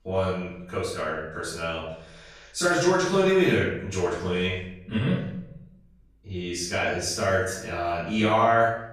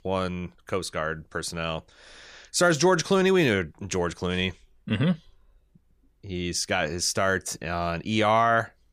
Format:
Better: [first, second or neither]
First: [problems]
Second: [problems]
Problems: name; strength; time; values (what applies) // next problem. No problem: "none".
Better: second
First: off-mic speech; far // room echo; noticeable; dies away in 0.7 s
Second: none